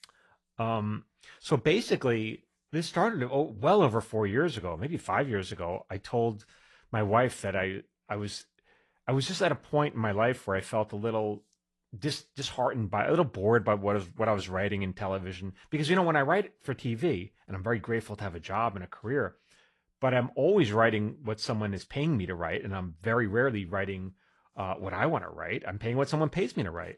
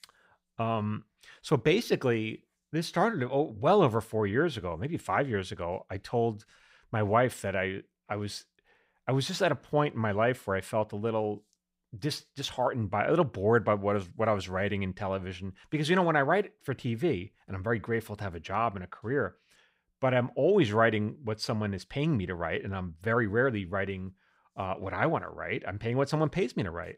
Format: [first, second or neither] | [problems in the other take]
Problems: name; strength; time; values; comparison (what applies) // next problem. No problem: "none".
second | garbled, watery; slightly; nothing above 11 kHz